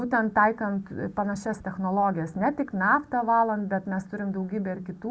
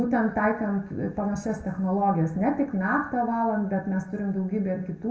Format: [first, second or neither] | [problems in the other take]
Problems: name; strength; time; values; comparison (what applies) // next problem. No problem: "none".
first | room echo; dies away in 0.7 s